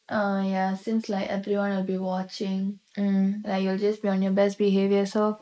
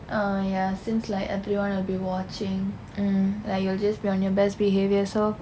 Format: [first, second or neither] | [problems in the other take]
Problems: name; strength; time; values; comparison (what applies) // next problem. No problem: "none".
second | noise reduction (neural mask model Resemble Enhance denoiser)